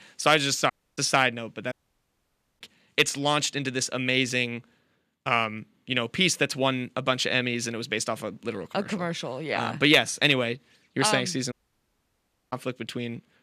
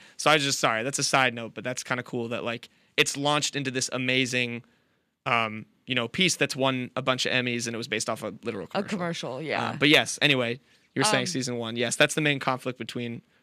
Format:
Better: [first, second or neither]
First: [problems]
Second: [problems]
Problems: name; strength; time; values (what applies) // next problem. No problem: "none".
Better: second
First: audio cutting out; at 0.5 s, at 1.5 s for 1 s and at 12 s for 1 s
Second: none